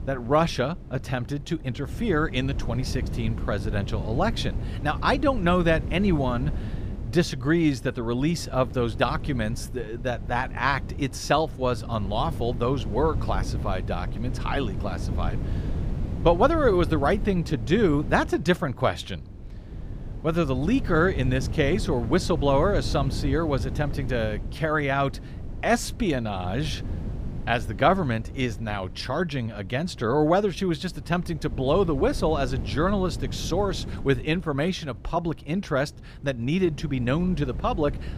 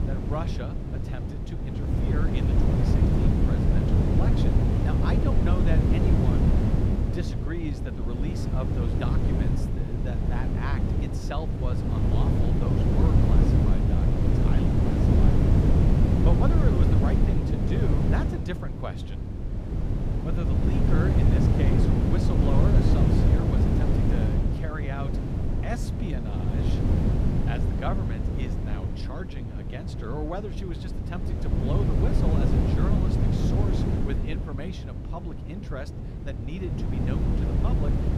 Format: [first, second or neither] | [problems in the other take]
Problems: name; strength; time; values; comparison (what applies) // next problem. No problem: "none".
first | wind noise on the microphone; heavy; 4 dB above the speech; occasional gusts in the first